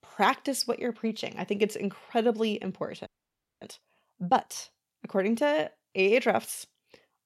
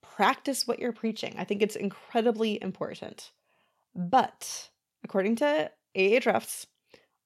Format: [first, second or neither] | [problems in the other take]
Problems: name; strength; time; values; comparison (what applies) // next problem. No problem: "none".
second | audio freezing; at 3 s for 0.5 s